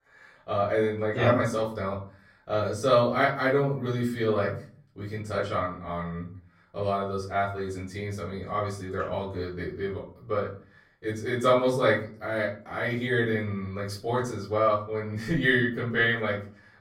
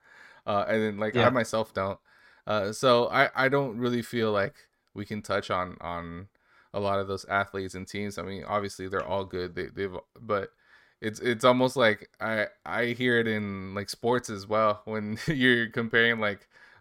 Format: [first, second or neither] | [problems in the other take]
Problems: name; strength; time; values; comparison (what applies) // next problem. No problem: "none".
second | off-mic speech; far // room echo; slight; dies away in 0.5 s